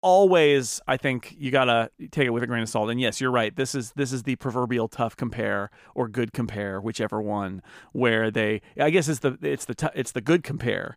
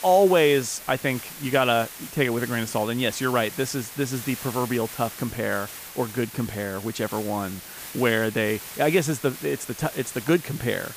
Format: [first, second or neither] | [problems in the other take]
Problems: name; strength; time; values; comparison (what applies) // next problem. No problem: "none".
first | hiss; noticeable; throughout; 10 dB below the speech